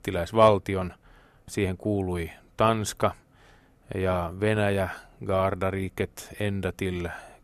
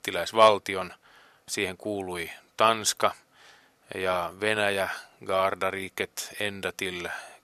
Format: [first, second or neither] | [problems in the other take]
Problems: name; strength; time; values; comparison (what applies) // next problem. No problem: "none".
first | thin; somewhat; fading below 950 Hz